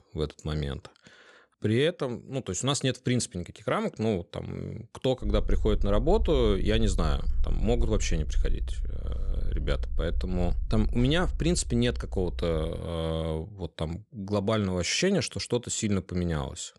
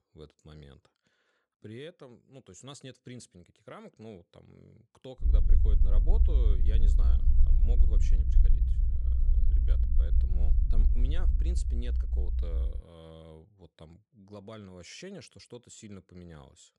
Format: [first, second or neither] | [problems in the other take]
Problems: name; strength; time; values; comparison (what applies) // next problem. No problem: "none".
first | low rumble; loud; from 5 to 13 s; 1 dB below the speech; faint in the first